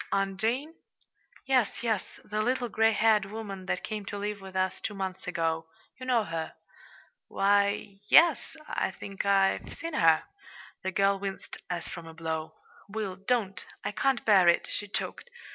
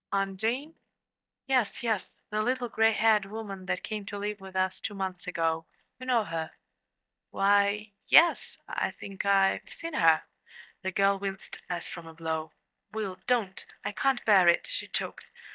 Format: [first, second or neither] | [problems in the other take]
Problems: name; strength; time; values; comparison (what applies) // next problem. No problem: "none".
first | noise reduction (neural mask model DeepFilterNet 3)